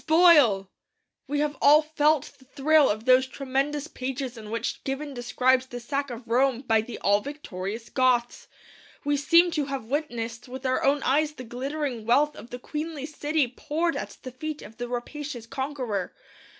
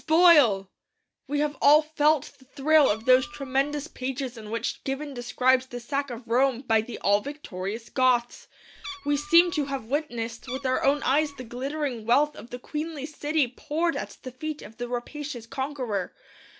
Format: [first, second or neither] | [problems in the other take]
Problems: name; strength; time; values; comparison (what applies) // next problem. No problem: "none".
first | background sound (Meow); 17 dB below the speech